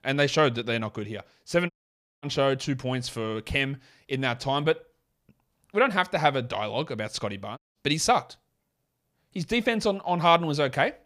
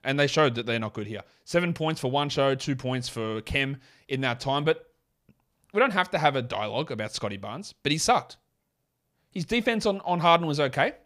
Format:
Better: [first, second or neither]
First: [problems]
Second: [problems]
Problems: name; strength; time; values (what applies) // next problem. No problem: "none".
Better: second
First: audio cutting out; at 1.5 s for 0.5 s and at 7.5 s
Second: none